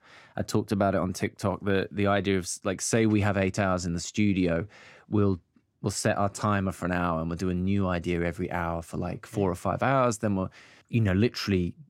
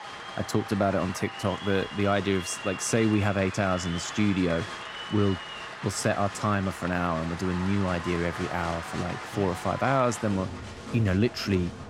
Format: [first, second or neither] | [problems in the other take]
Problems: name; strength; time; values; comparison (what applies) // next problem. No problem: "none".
first | crowd noise; loud; throughout; 9 dB below the speech